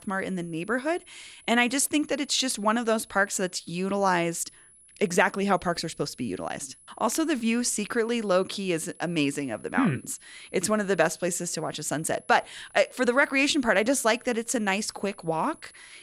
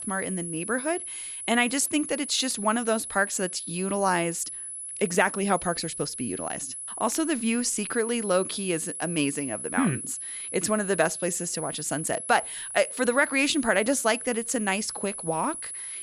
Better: first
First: high-pitched whine; faint; throughout; 10 kHz, 25 dB below the speech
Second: high-pitched whine; loud; throughout; 10 kHz, 7 dB below the speech

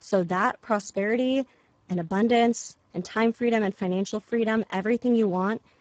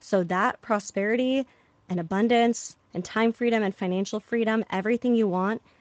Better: second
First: garbled, watery; badly; nothing above 7.5 kHz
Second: garbled, watery; slightly; nothing above 7.5 kHz

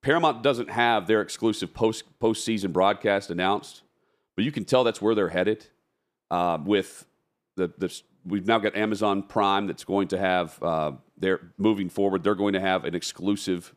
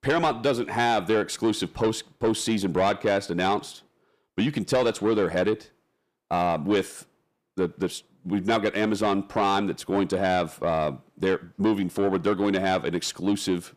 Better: first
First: none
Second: distortion; slight; 10 dB below the speech

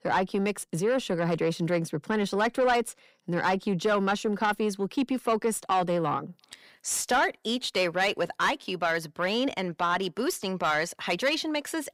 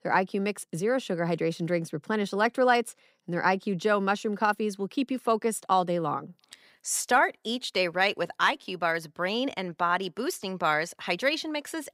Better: second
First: distortion; slight; 10 dB below the speech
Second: none

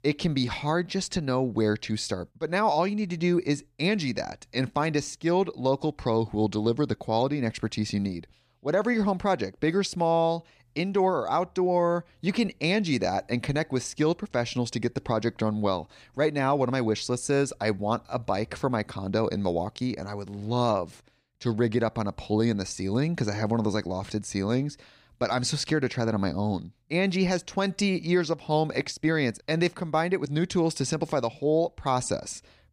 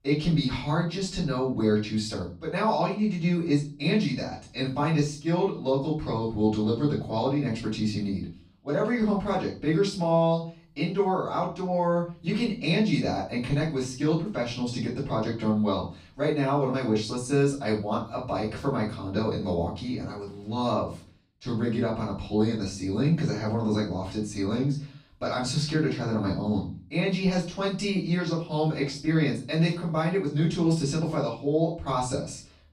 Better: first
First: none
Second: room echo; slight; dies away in 0.4 s // off-mic speech; far

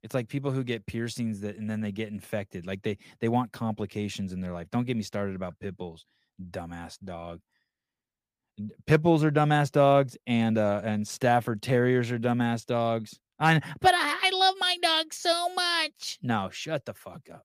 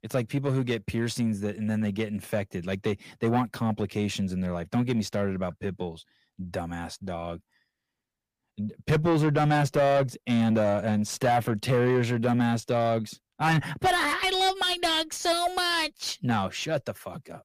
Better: first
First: none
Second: distortion; heavy; 7 dB below the speech

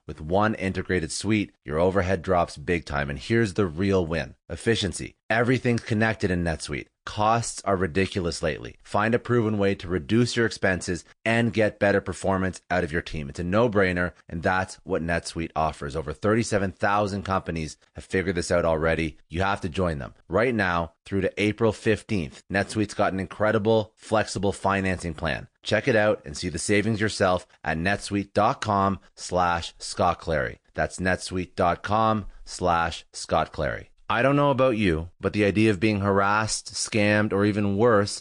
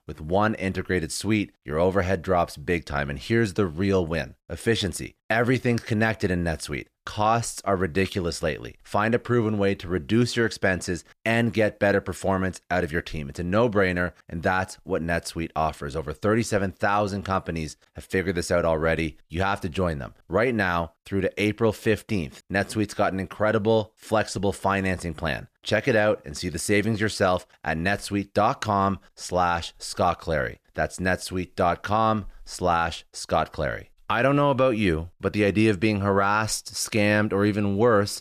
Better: second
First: garbled, watery; slightly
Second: none

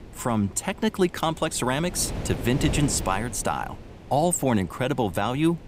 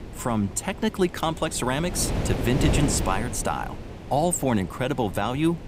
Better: first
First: wind noise on the microphone; occasional gusts; 15 dB below the speech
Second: wind noise on the microphone; heavy; 9 dB below the speech

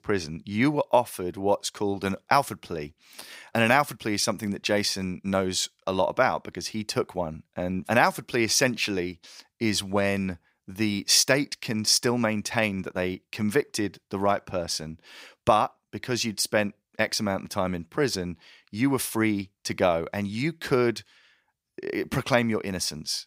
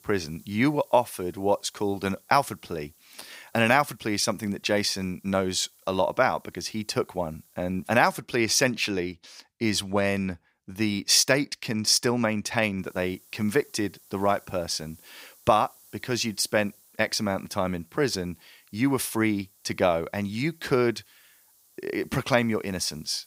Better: first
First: none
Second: hiss; faint; until 8 s and from 13 s on; 30 dB below the speech

